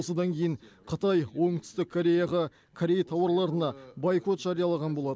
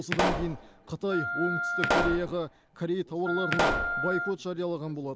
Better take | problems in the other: first | background sound (Wind instrument, woodwind instrument + Explosion); 1 dB above the speech

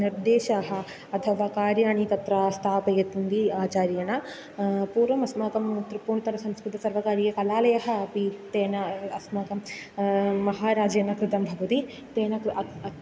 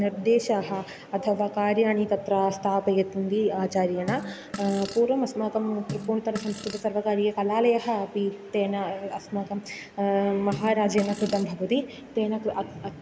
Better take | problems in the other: first | background sound (Fart); 13 dB below the speech

